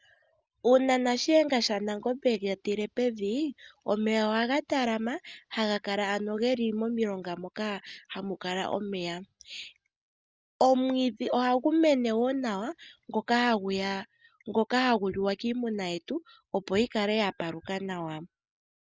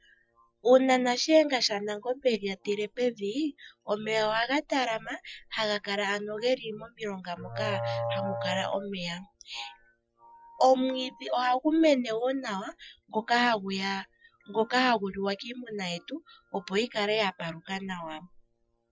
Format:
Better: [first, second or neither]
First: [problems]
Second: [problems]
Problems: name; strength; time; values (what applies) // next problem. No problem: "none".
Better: first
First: none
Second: noise reduction (classical method Wiener filter)